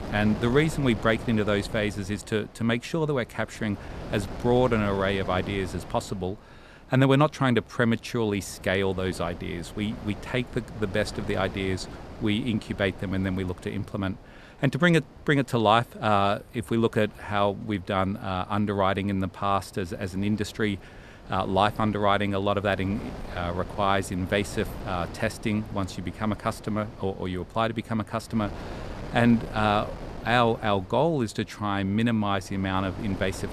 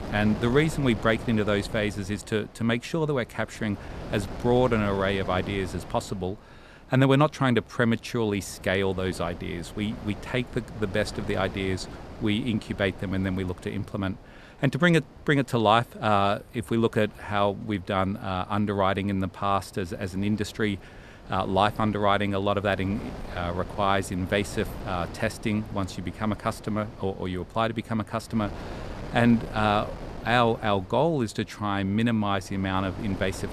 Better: neither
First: wind noise on the microphone; occasional gusts; 15 dB below the speech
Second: wind noise on the microphone; occasional gusts; 15 dB below the speech

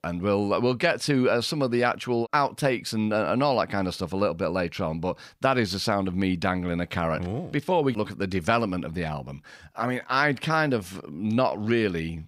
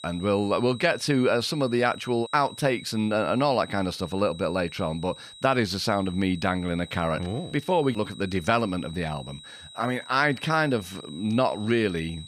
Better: first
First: none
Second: high-pitched whine; noticeable; throughout; 4 kHz, 20 dB below the speech

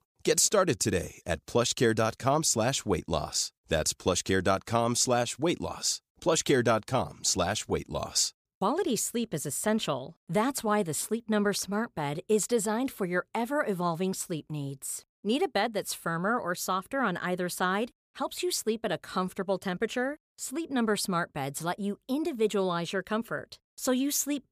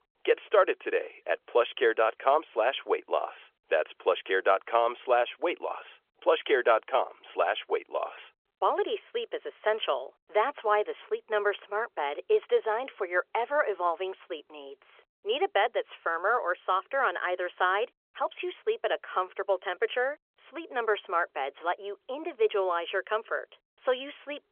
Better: first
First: none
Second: phone-call audio; nothing above 3.5 kHz

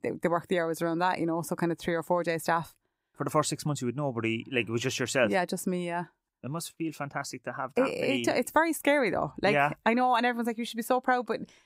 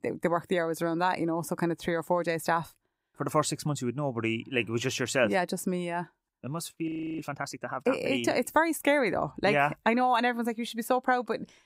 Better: first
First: none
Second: audio freezing; at 7 s

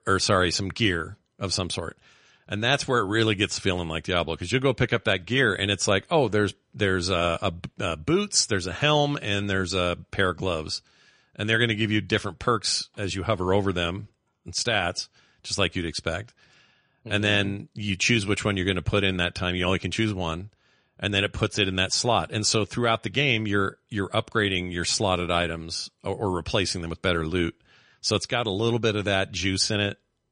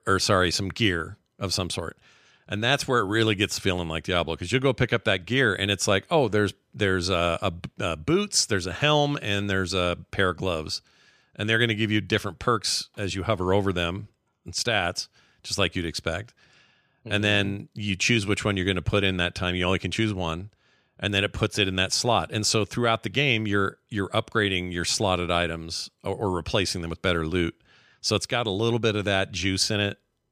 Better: second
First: garbled, watery; slightly; nothing above 9.5 kHz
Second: none

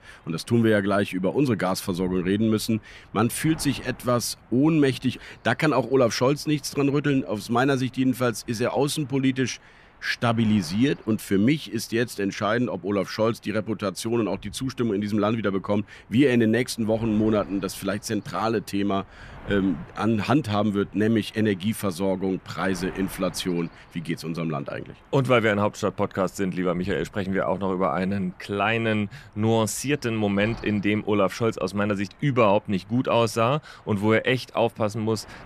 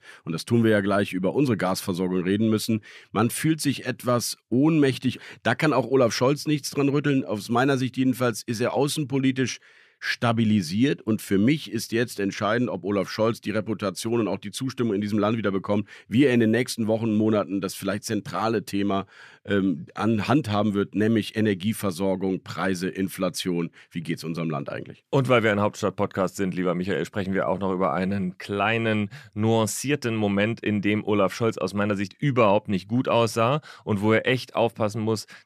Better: second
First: wind noise on the microphone; occasional gusts; 25 dB below the speech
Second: none

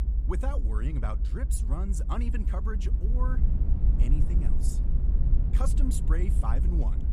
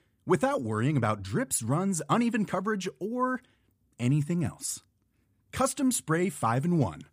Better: second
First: low rumble; loud; throughout; 5 dB below the speech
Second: none

